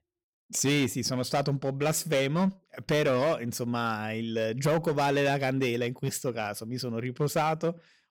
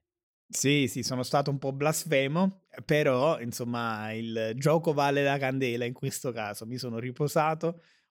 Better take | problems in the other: second | distortion; slight; 8% of the sound clipped

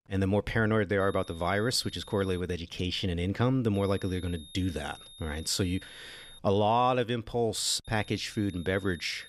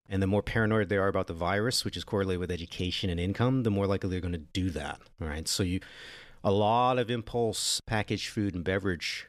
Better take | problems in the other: second | high-pitched whine; noticeable; from 1 to 2.5 s, from 3.5 to 6.5 s and from 8 s on; 3.5 kHz, 20 dB below the speech

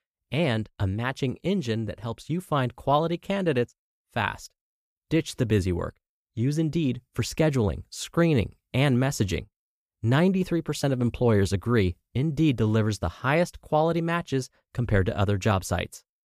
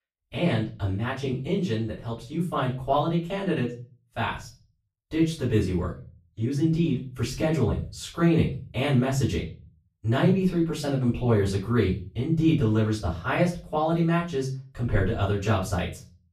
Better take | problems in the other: first | off-mic speech; far // room echo; slight; dies away in 0.3 s

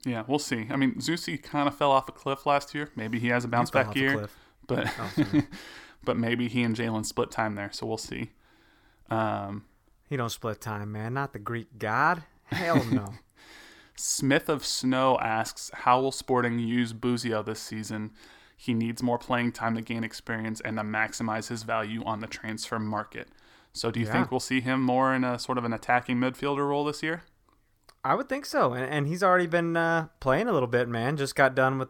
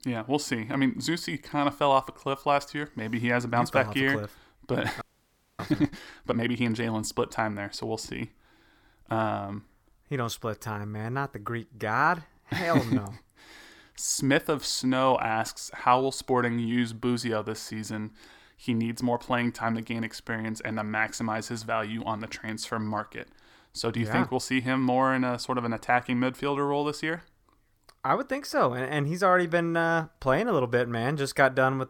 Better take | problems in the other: first | audio freezing; at 5 s for 0.5 s

